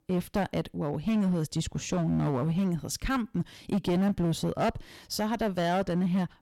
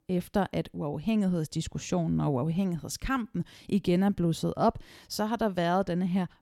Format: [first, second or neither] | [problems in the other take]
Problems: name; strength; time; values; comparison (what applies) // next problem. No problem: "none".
second | distortion; slight; 12% of the sound clipped